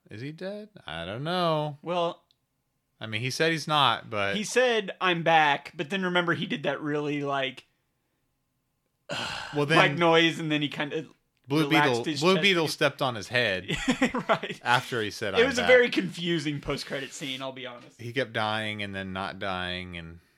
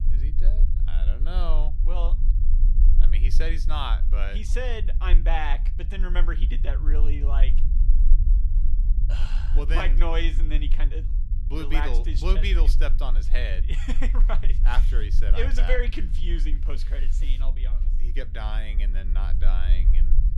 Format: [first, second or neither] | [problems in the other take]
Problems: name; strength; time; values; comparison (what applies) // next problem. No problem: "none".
first | low rumble; noticeable; throughout; 15 dB below the speech